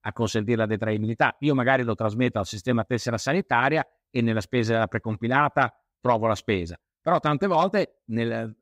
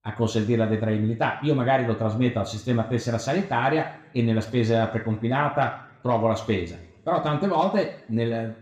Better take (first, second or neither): first